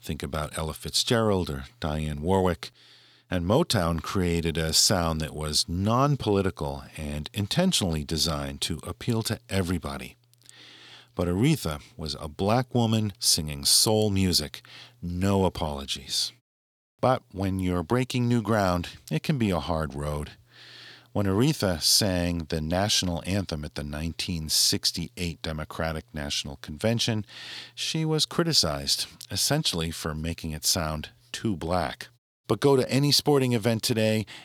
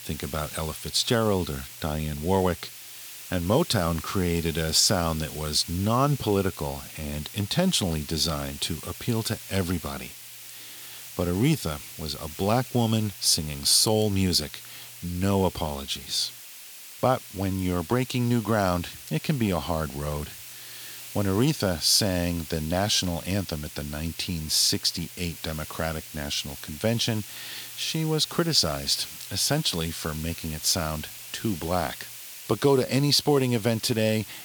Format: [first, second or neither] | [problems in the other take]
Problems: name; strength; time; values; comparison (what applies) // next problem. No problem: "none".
first | hiss; noticeable; throughout; 15 dB below the speech